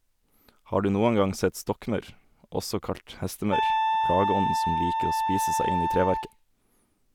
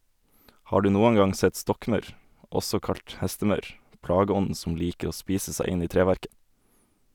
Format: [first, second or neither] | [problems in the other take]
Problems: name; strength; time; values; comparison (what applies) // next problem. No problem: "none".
second | background sound (Wind instrument, woodwind instrument); 2 dB above the speech